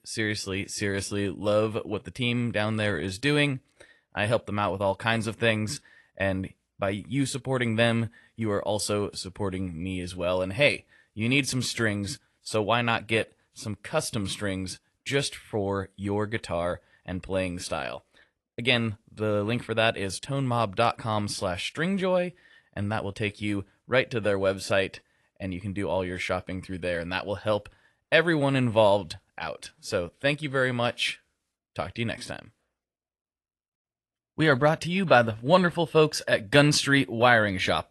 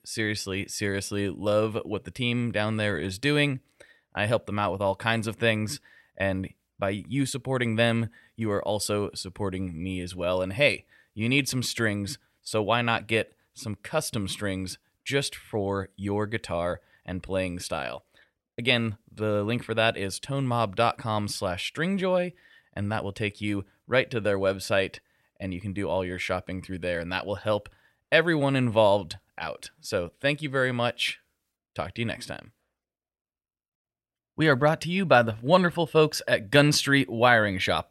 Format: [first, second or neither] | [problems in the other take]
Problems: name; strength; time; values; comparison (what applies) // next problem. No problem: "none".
second | garbled, watery; slightly; nothing above 11.5 kHz